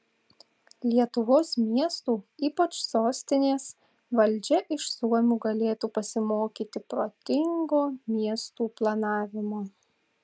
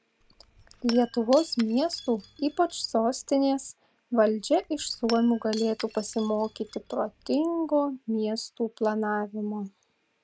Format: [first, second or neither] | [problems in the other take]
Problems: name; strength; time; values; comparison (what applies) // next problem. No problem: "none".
first | background sound (Shatter / Crushing); 19 dB below the speech